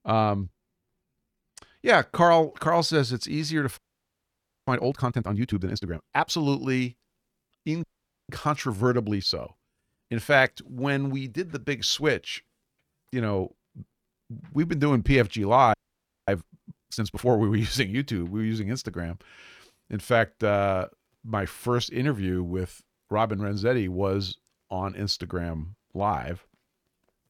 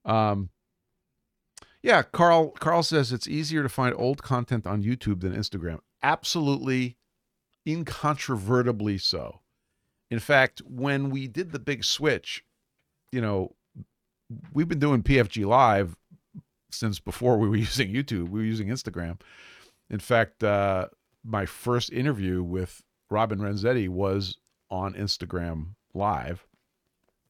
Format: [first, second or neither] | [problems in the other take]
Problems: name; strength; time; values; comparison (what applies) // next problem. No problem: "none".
second | audio freezing; at 4 s for 1 s, at 8 s and at 16 s for 0.5 s